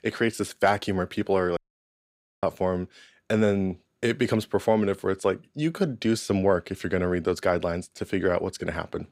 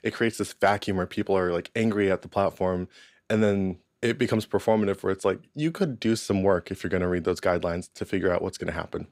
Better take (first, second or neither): second